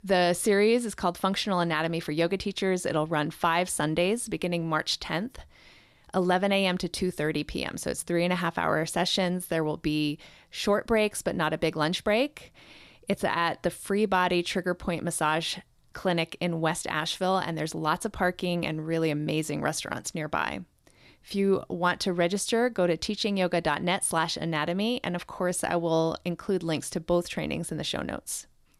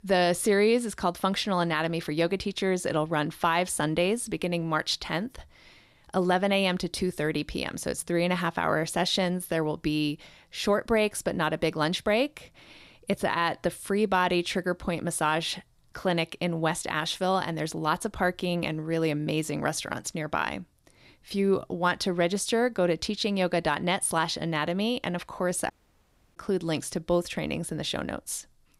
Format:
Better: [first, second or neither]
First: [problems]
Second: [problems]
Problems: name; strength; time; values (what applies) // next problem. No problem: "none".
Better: first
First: none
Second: audio cutting out; at 26 s for 0.5 s